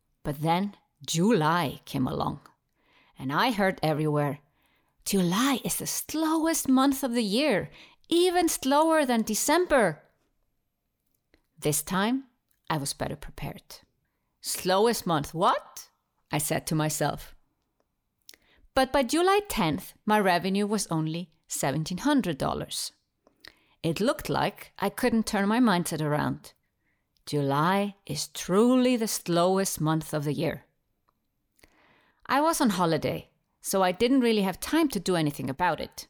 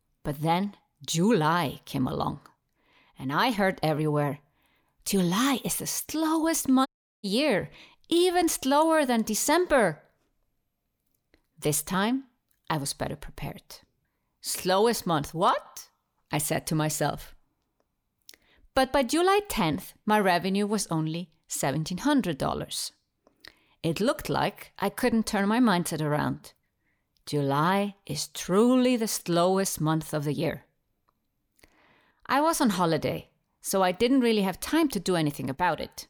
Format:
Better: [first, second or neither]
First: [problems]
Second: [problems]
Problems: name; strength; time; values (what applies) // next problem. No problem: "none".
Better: first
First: none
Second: audio cutting out; at 7 s